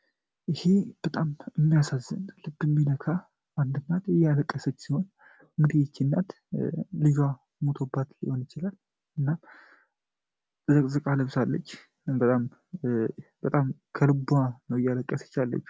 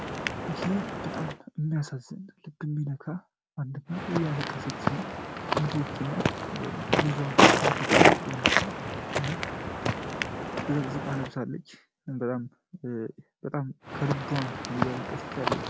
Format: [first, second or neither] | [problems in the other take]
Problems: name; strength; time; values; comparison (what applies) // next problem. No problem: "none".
first | background sound (Walk, footsteps); 5 dB above the speech